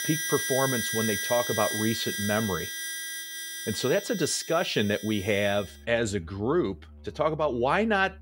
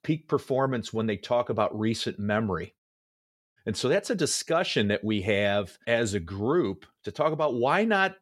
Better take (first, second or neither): second